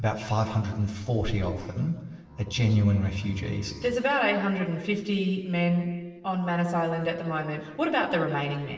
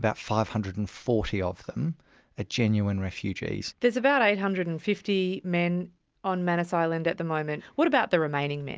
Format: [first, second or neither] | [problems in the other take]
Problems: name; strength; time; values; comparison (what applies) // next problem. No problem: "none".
second | background sound (Bowed string instrument); 19 dB below the speech // room echo; dies away in 1.3 s